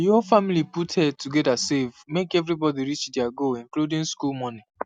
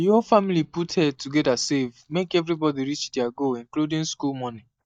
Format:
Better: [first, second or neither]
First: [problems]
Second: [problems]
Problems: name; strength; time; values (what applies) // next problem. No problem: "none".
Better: first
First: none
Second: noise reduction (neural mask model DeepFilterNet 3)